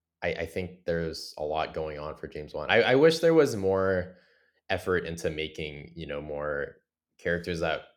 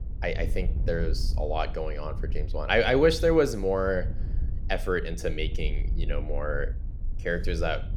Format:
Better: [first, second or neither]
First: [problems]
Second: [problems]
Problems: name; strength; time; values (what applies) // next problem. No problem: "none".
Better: first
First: none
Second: wind noise on the microphone; occasional gusts; 25 dB below the speech